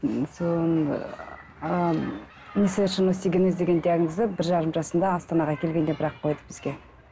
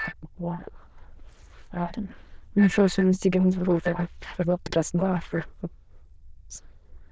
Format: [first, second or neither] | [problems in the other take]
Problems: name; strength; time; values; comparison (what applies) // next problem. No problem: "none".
first | noise reduction (neural diffusion model UNIVERSE++)